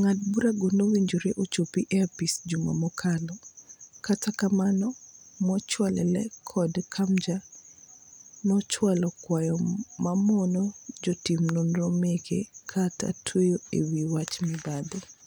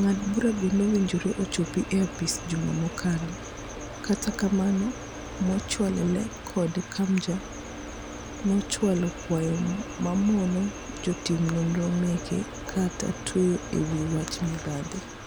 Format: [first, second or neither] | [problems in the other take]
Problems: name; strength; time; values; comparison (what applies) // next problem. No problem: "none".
first | background sound (Alarm / Engine / Train + Mechanical fan); 11 dB below the speech